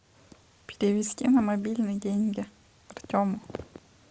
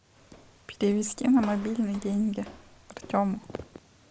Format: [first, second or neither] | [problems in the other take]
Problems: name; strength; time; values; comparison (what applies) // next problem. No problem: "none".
first | background sound (Walk, footsteps); 20 dB below the speech